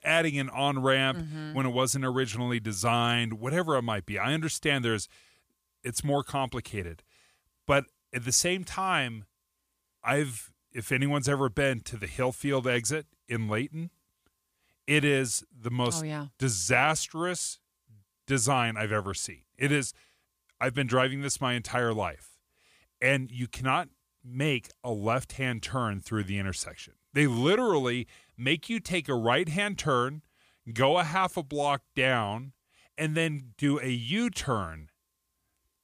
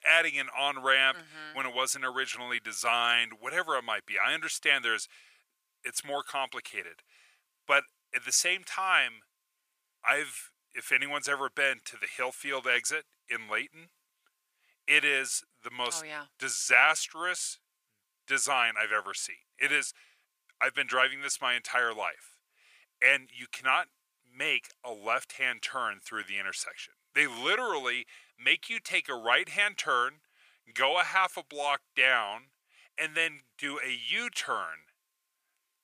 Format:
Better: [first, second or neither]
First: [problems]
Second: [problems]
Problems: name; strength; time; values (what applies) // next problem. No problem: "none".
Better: first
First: none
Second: thin; very; fading below 650 Hz